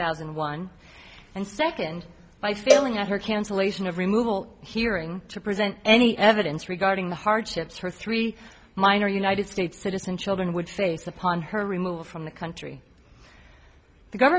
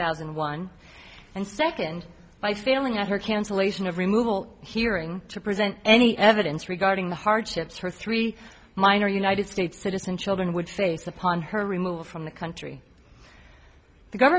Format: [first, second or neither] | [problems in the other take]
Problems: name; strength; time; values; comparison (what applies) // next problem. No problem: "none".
second | background sound (Cowbell); 1 dB below the speech